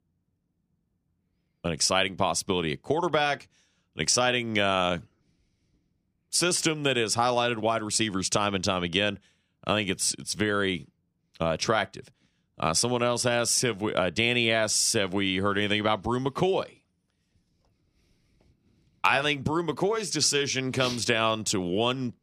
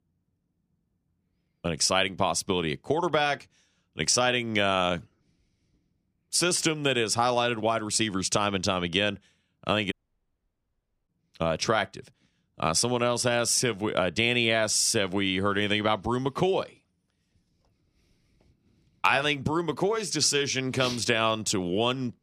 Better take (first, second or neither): first